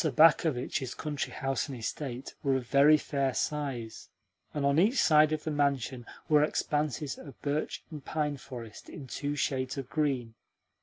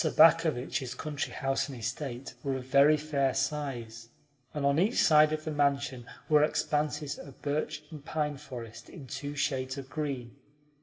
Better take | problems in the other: first | room echo; dies away in 0.7 s

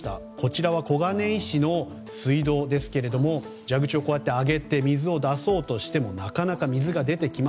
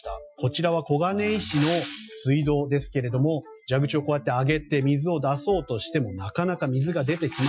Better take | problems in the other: first | noise reduction (classical method Wiener filter)

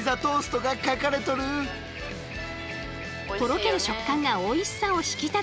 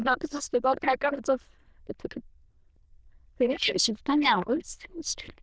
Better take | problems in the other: first | noise reduction (neural diffusion model UNIVERSE++)

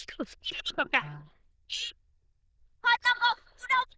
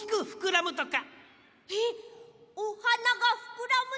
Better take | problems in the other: second | noise reduction (neural diffusion model UNIVERSE++)

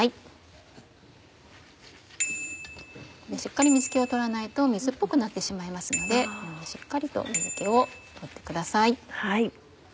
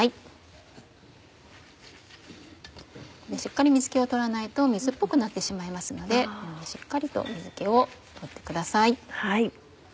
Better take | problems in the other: second | background sound (Bicycle bell); 7 dB below the speech

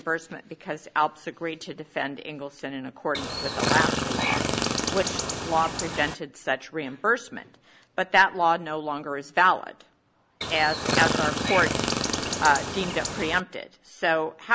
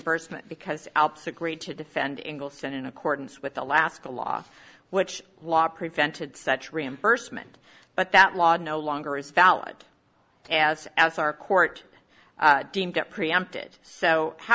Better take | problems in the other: second | background sound (Chirp, tweet); as loud as the speech

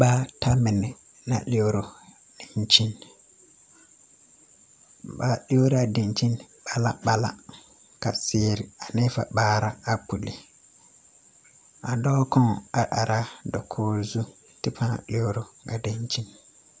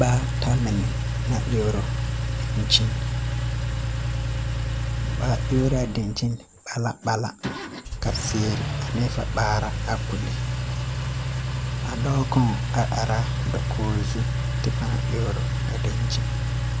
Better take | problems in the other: first | background sound (Engine); 1 dB above the speech

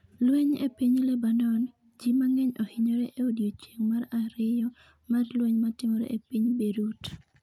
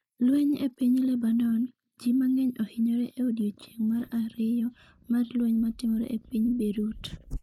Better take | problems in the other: first | noise reduction (neural mask model Resemble Enhance denoiser)

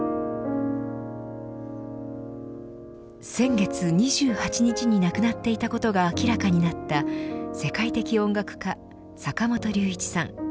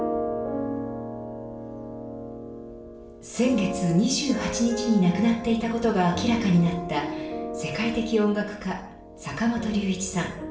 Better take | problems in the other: first | room echo; dies away in 0.6 s

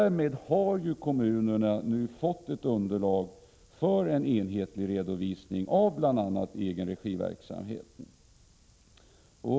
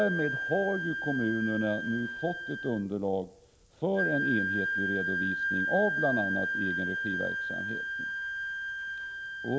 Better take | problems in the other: first | background sound (Wind instrument, woodwind instrument); 1 dB below the speech

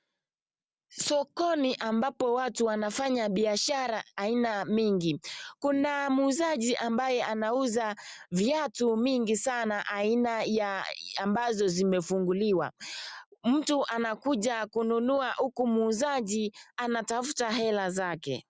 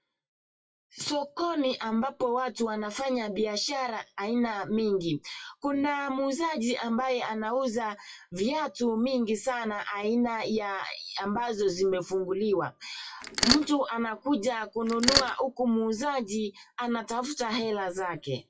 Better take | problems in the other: first | noise reduction (classical method WPE with log-MMSE)

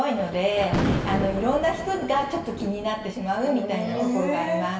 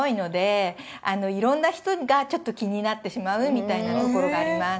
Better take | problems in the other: second | background sound (Thunder); 5 dB below the speech // room echo; dies away in 1.1 s

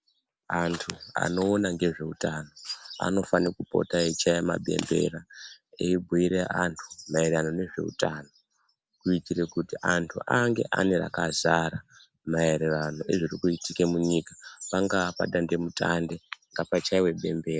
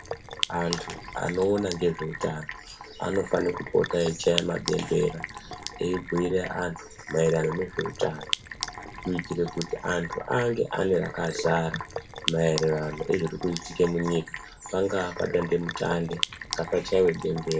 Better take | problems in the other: first | background sound (Sink (filling or washing)); 9 dB below the speech // room echo; dies away in 0.2 s

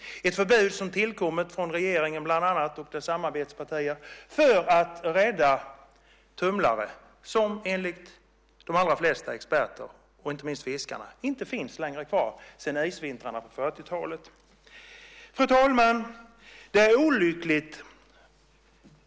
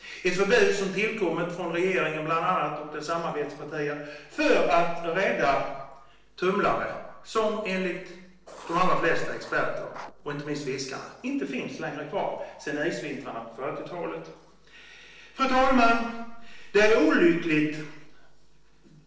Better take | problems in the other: first | noise reduction (neural separator model SepFormer DNS4)

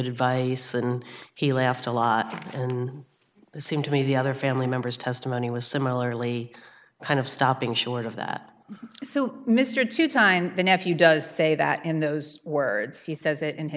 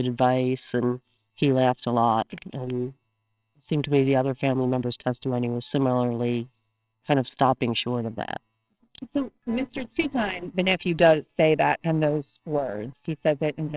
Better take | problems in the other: first | noise reduction (neural separator model SepFormer WHAMR!)

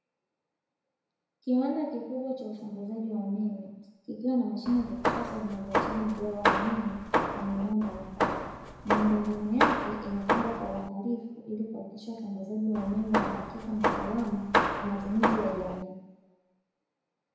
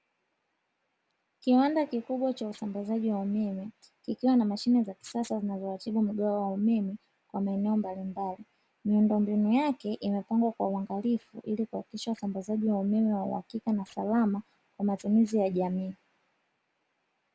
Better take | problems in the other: second | background sound (Hammer); 2 dB above the speech // room echo; dies away in 1 s

